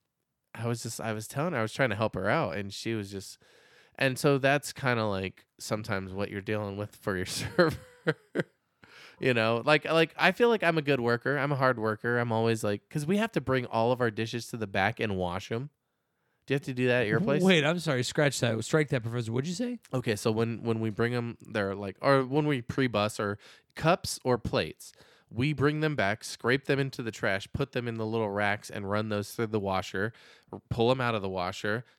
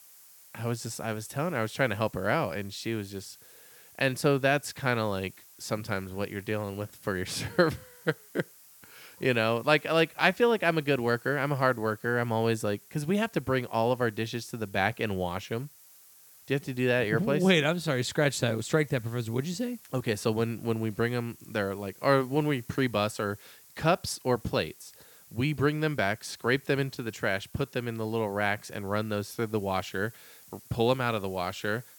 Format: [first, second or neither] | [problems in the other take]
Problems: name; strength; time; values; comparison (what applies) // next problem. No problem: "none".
first | hiss; faint; throughout; 25 dB below the speech